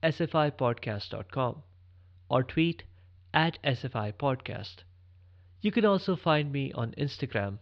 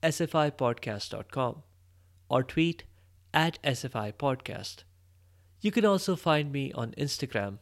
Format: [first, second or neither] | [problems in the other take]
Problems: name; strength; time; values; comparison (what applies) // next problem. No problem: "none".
second | muffled; very slightly; fading above 4 kHz